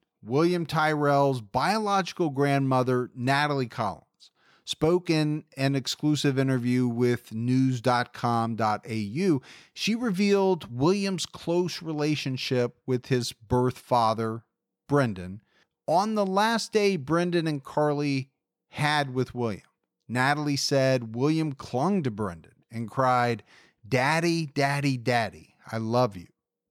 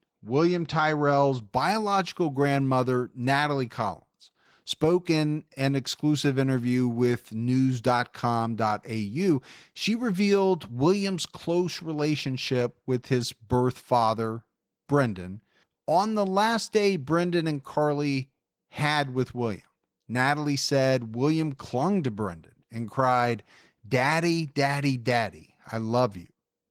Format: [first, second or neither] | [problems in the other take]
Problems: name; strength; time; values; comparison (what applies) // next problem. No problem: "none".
first | garbled, watery; slightly